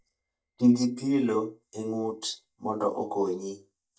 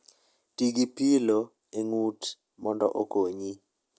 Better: second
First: noise reduction (neural mask model DeepFilterNet 3)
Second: none

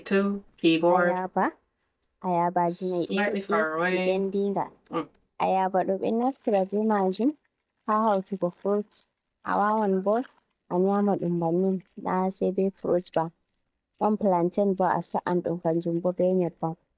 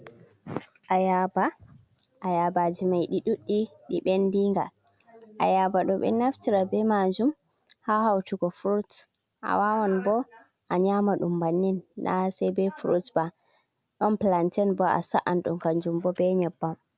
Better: second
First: noise reduction (neural mask model DeepFilterNet 3)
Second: none

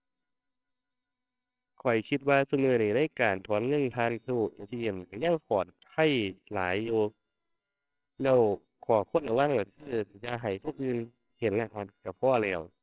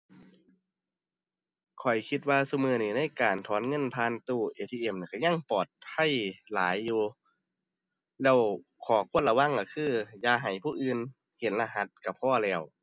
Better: second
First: noise reduction (neural separator model SepFormer WHAMR!)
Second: none

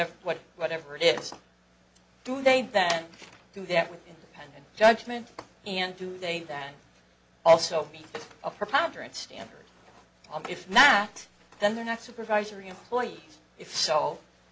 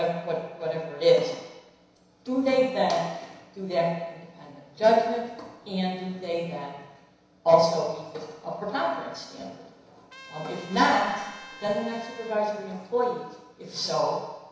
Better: first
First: none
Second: background sound (Trumpet); 19 dB below the speech // room echo; dies away in 1 s

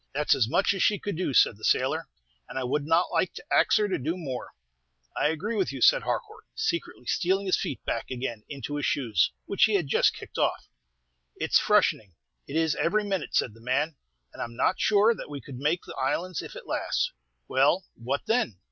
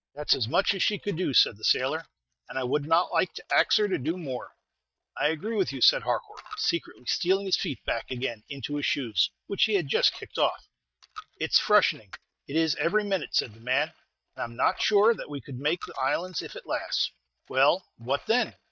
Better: first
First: none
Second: noise reduction (neural mask model DeepFilterNet 3)

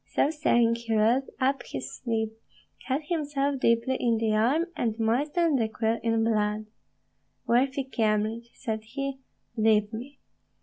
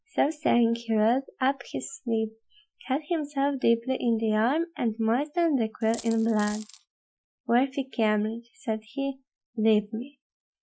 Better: first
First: none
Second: noise reduction (classical method Wiener filter)

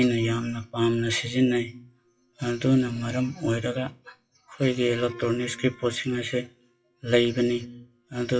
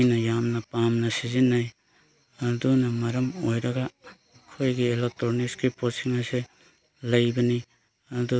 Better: second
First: noise reduction (classical method WPE with log-MMSE)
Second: none

